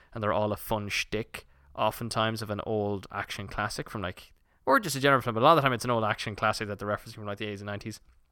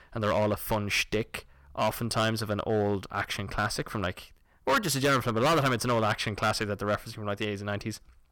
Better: first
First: none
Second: distortion; heavy; 6% of the sound clipped

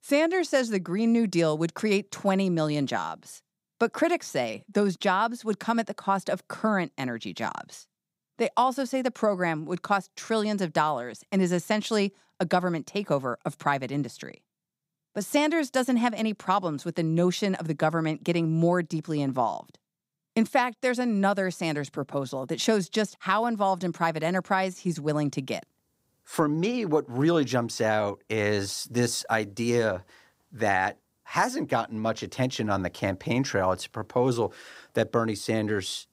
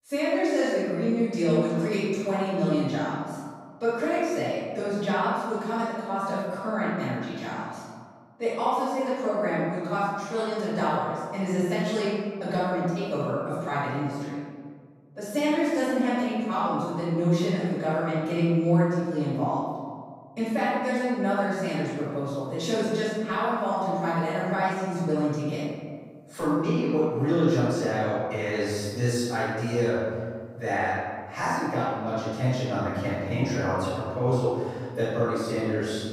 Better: first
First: none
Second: off-mic speech; far // room echo; strong; dies away in 1.7 s

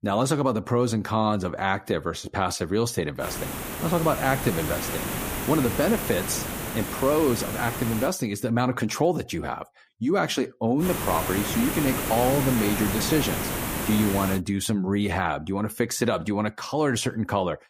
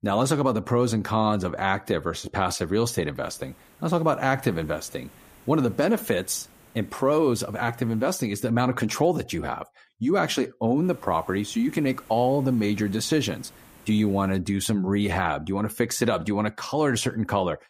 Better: second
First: hiss; loud; from 3 to 8 s and from 11 to 14 s; 4 dB below the speech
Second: hiss; faint; from 3 to 8 s and from 11 to 14 s; 25 dB below the speech

